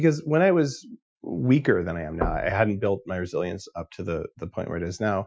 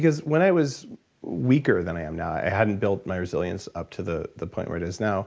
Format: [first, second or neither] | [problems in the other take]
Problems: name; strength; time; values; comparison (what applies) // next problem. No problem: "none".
second | noise reduction (classical method Wiener filter)